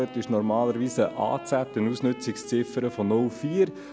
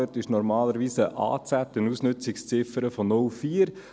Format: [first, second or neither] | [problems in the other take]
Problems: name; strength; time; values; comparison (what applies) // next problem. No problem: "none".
second | background sound (Wind instrument, woodwind instrument); 16 dB below the speech